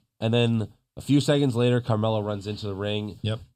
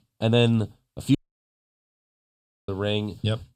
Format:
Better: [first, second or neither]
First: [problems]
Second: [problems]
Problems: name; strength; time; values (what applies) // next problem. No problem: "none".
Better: first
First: none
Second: audio cutting out; at 1 s for 1.5 s